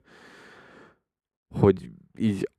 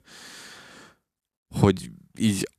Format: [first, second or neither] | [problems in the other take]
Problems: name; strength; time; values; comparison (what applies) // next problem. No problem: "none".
second | muffled; slightly; fading above 3 kHz